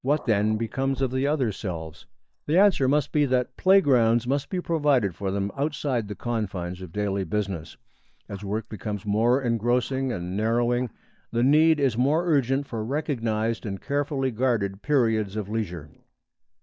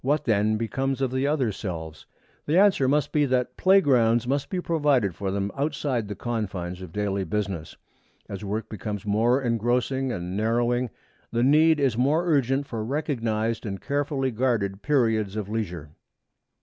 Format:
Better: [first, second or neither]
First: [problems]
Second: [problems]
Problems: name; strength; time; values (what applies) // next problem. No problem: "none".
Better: second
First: noise reduction (neural mask model DeepFilterNet 3)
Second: none